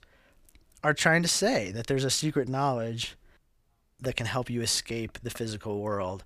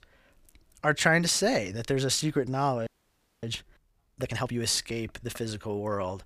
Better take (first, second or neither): first